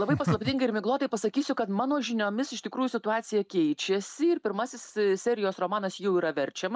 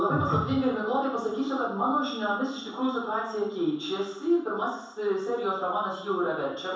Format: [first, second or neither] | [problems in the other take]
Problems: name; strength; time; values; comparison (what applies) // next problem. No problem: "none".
first | room echo; dies away in 0.7 s